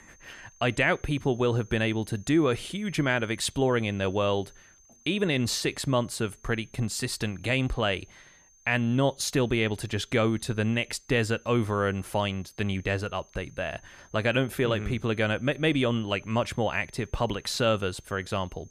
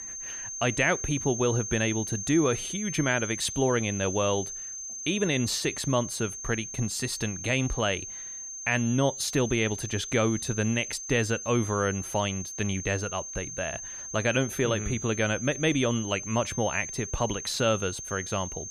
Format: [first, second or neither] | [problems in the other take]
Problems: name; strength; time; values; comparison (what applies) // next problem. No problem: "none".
first | high-pitched whine; loud; throughout; 6.5 kHz, 7 dB below the speech; faint in the first